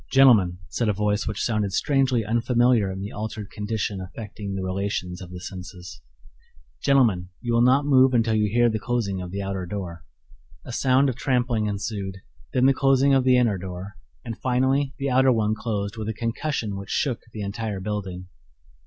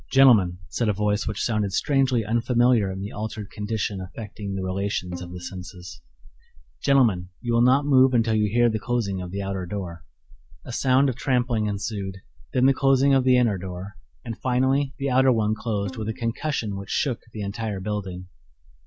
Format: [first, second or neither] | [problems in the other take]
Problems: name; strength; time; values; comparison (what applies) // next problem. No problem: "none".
first | background sound (Bowed string instrument); 20 dB below the speech